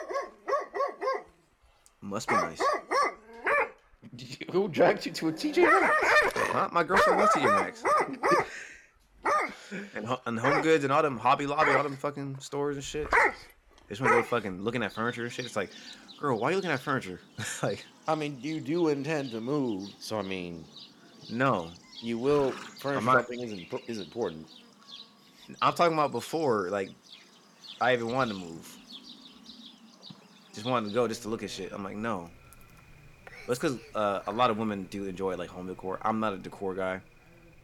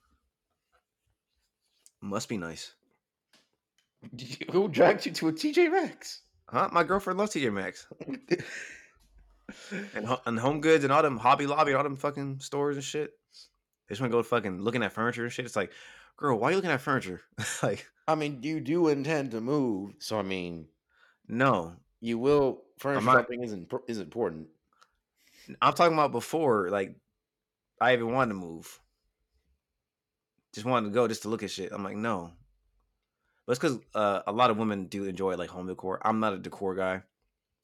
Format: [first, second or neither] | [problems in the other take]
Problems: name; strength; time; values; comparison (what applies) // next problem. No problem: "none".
second | animal sounds; very loud; throughout; 3 dB above the speech